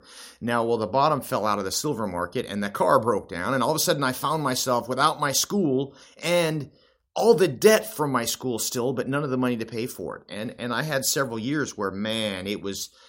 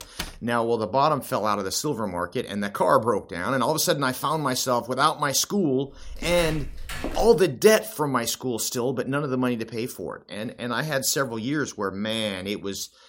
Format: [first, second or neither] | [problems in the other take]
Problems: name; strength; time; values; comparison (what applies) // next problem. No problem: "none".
first | door banging; faint; at the start; peak 10 dB below the speech // footsteps; noticeable; from 6 to 7.5 s; peak 9 dB below the speech